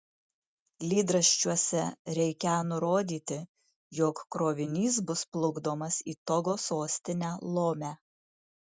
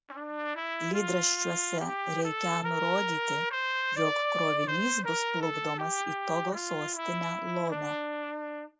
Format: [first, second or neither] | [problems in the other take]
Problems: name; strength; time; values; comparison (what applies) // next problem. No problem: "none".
first | background sound (Trumpet); 1 dB above the speech